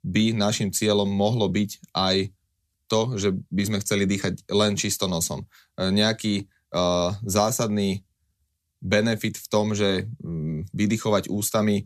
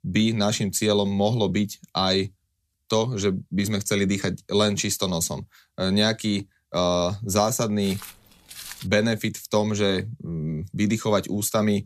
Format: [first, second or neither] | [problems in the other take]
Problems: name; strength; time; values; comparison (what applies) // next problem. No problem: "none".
first | footsteps; faint; from 8 to 9 s; peak 15 dB below the speech